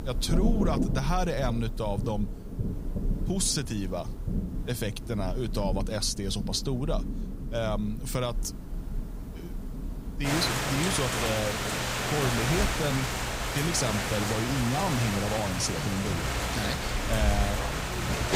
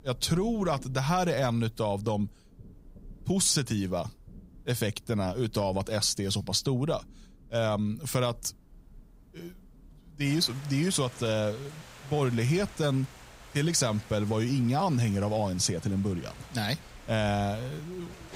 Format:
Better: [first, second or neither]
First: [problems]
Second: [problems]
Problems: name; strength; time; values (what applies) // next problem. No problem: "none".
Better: second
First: rain or running water; loud; throughout; 1 dB below the speech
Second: rain or running water; faint; throughout; 20 dB below the speech